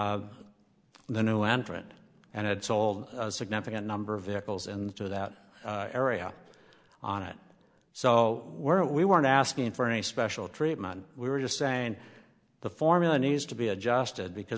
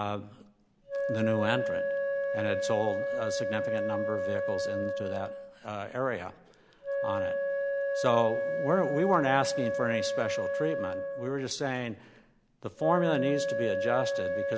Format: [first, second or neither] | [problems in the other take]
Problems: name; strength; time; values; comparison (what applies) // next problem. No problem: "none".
first | background sound (Wind instrument, woodwind instrument); as loud as the speech